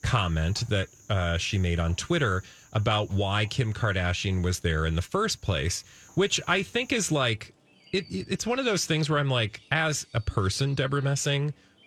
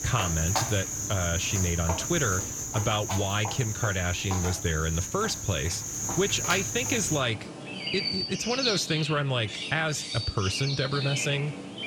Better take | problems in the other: first | animal sounds; loud; throughout; 2 dB below the speech; faint in the first

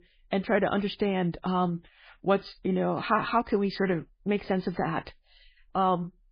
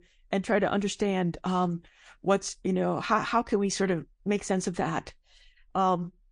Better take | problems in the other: second | garbled, watery; badly; slightly in the second

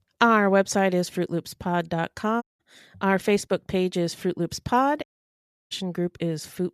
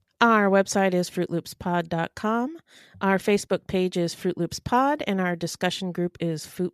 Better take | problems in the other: second | audio cutting out; at 2.5 s and at 5 s for 0.5 s

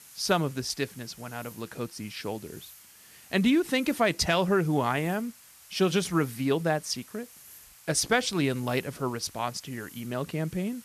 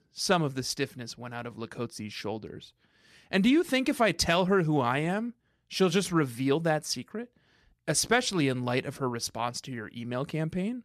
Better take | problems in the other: second | hiss; faint; throughout; 20 dB below the speech

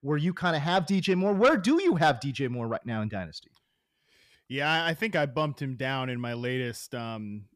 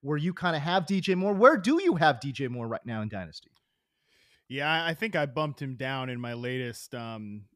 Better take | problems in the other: second | distortion; slight; 10 dB below the speech

